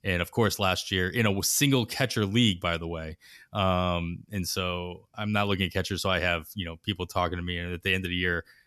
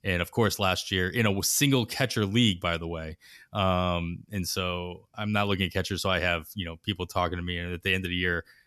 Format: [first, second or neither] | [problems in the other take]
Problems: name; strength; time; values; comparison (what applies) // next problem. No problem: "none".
neither | none